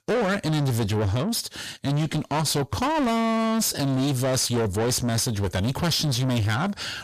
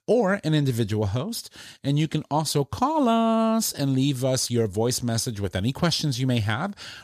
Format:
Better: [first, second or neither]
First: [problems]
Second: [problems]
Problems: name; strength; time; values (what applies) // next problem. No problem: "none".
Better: second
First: distortion; heavy; 7 dB below the speech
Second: none